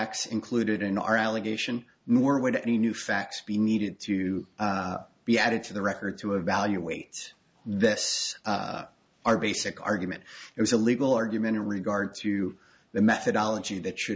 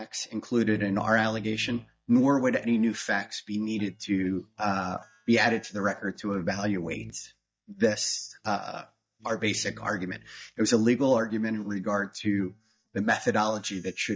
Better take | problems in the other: first | noise reduction (neural mask model DeepFilterNet 3)

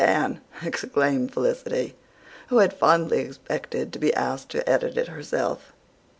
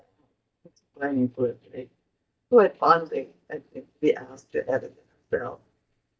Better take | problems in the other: first | noise reduction (neural mask model DeepFilterNet 3)

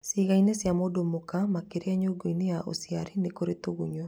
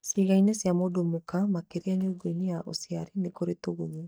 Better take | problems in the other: first | noise reduction (neural mask model DeepFilterNet 3)

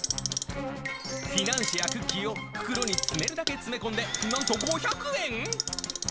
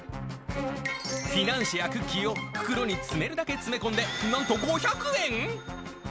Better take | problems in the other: second | background sound (Clock); 3 dB below the speech

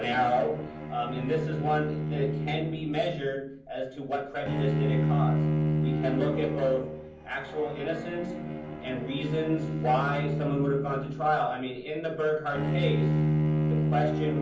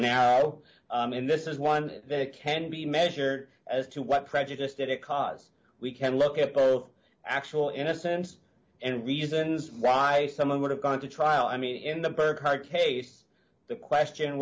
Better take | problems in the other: second | background sound (Bowed string instrument); 1 dB above the speech // room echo; dies away in 0.6 s

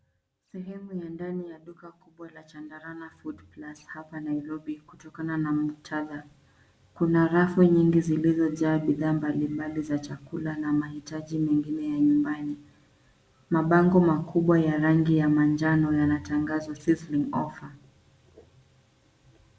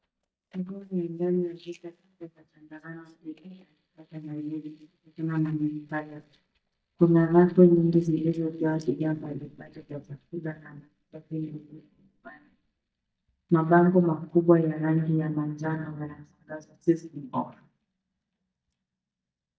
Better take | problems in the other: first | noise reduction (neural mask model DeepFilterNet 3)

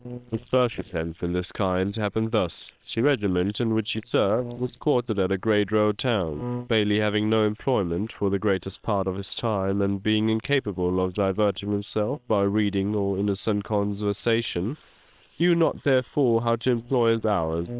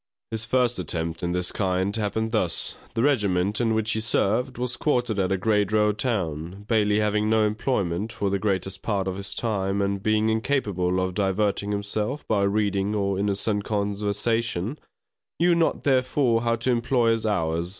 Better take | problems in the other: second | noise reduction (neural separator model SepFormer WHAM!)

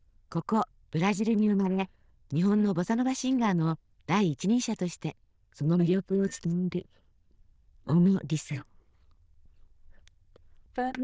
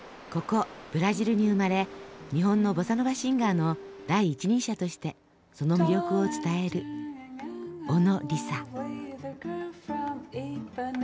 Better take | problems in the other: second | noise reduction (neural diffusion model UNIVERSE++)

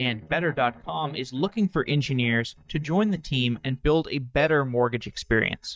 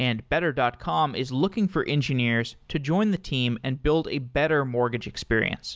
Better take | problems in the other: second | noise reduction (neural mask model DeepFilterNet 3)

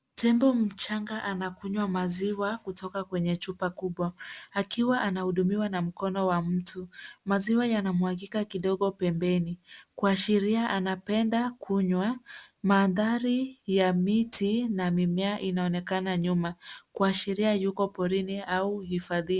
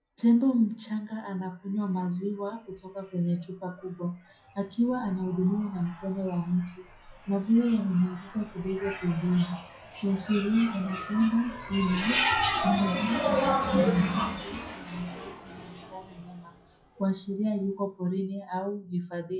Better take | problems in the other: first | noise reduction (classical method WPE with log-MMSE)

